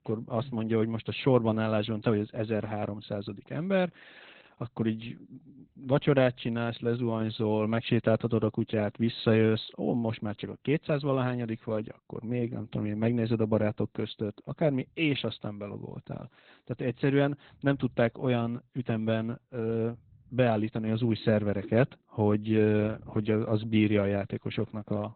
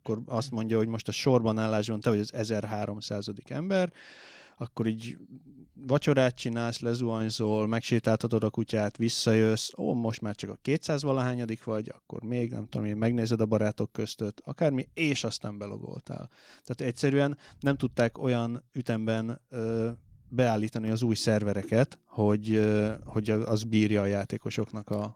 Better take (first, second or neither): second